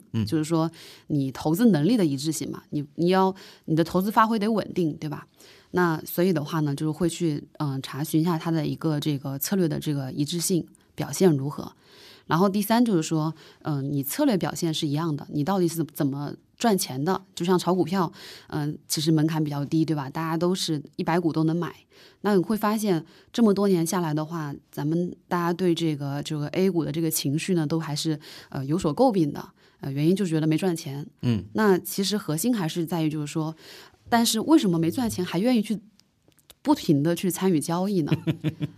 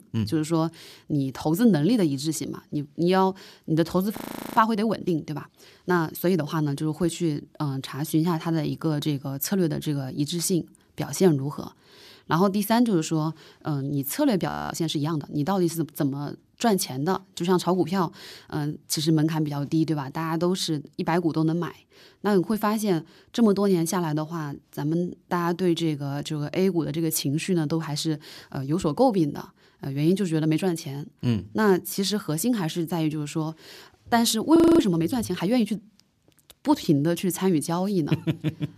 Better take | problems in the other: first | audio freezing; at 4 s, at 14 s and at 35 s

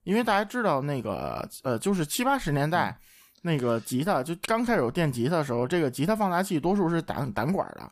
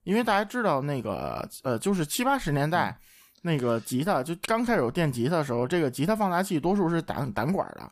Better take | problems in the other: neither | none

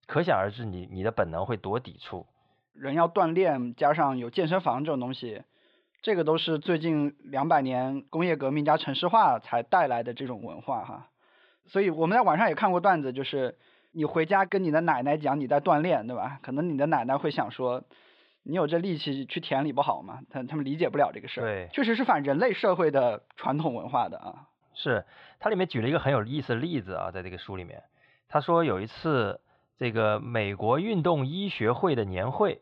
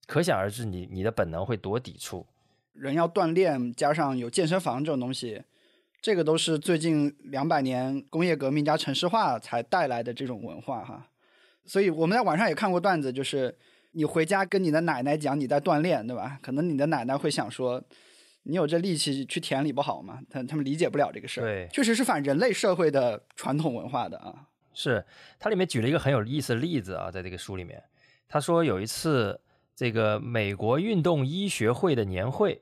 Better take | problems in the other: second | muffled; slightly; fading above 3.5 kHz

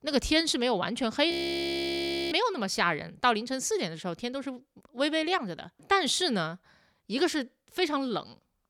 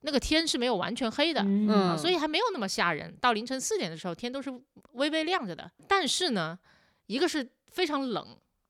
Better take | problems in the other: second | audio freezing; at 1.5 s for 1 s

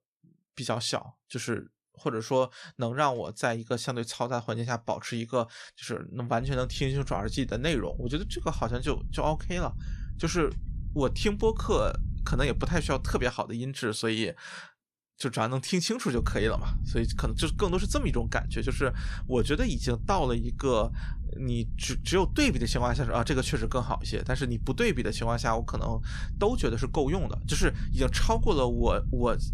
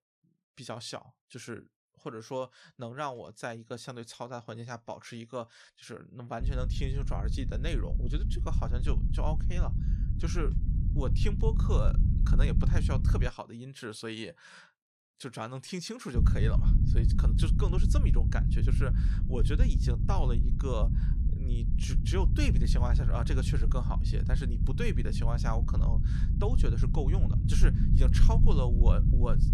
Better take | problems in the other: first | low rumble; loud; from 6.5 to 13 s and from 16 s on; 4 dB below the speech; faint in the first

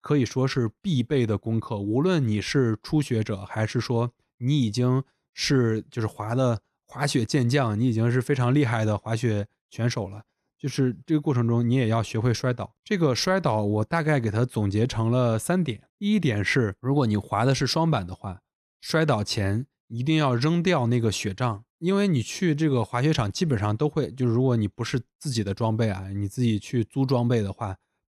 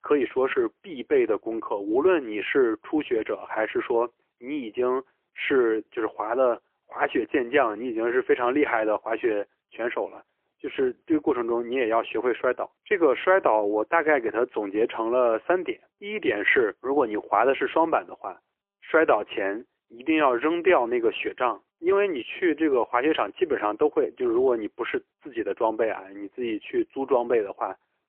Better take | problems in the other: first | phone-call audio; poor line; nothing above 3 kHz

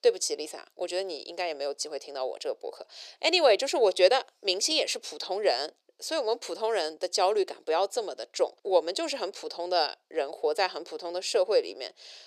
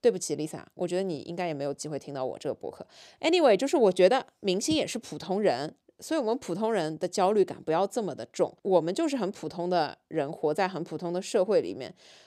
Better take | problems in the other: second | thin; very; fading below 450 Hz

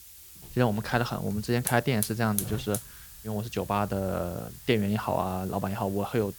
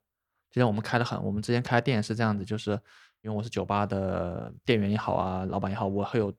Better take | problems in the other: second | hiss; loud; throughout; 10 dB below the speech

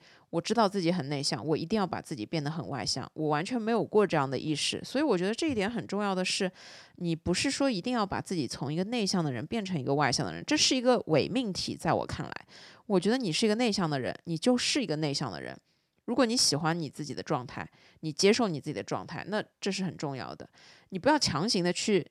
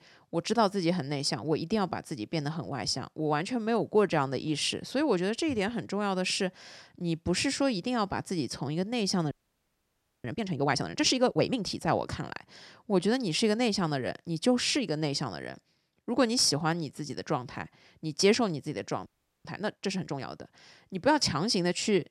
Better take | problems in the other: first | audio freezing; at 9.5 s for 1 s and at 19 s

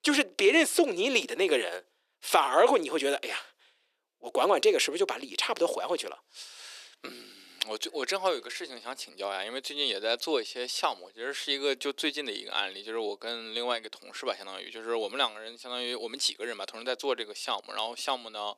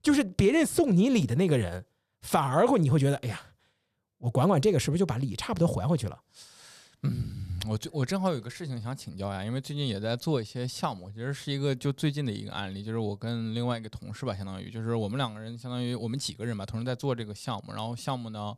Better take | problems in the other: second | thin; very; fading below 300 Hz

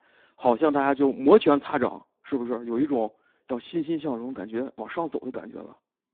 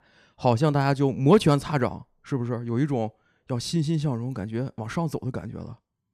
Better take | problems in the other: second | phone-call audio; poor line

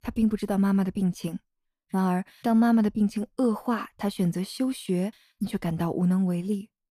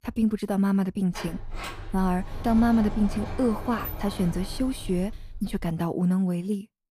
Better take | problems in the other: first | door banging; noticeable; from 1 to 5.5 s; peak 9 dB below the speech

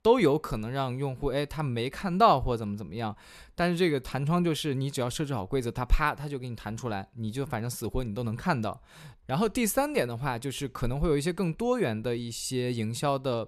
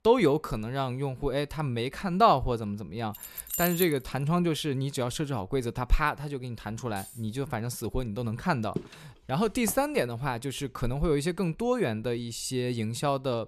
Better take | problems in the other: first | jangling keys; noticeable; at 3 s; peak 1 dB below the speech // jangling keys; faint; at 7 s; peak 15 dB below the speech // footsteps; noticeable; at 9 s; peak 10 dB below the speech

